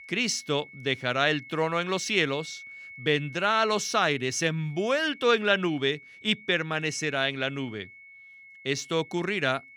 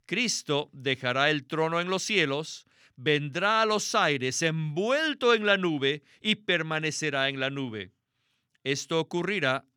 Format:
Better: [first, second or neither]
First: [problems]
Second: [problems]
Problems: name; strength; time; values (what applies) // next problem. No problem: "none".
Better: second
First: high-pitched whine; noticeable; throughout; 2 kHz, 20 dB below the speech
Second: none